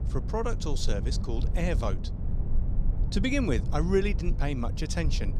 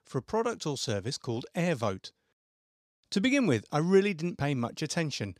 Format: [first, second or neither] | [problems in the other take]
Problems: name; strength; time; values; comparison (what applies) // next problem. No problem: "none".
second | low rumble; noticeable; throughout; 15 dB below the speech